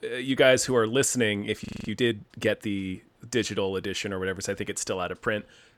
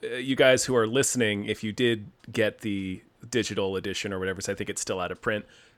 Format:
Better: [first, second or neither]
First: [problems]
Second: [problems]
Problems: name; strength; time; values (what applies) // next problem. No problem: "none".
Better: second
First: audio freezing; at 1.5 s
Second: none